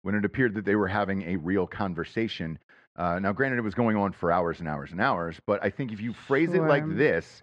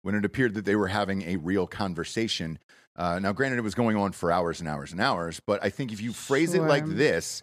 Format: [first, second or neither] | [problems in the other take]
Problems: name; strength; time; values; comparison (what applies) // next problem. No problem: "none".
second | muffled; very; fading above 2 kHz